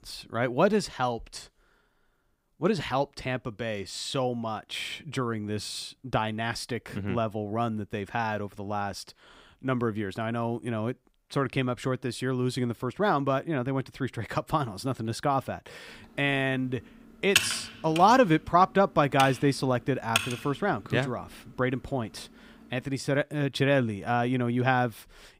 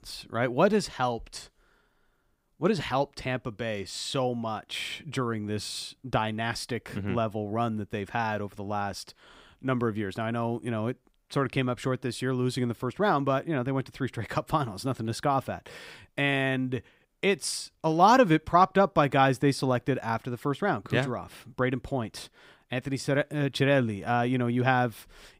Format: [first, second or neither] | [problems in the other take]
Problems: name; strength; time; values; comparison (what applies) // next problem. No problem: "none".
second | keyboard typing; loud; from 17 to 20 s; peak 4 dB above the speech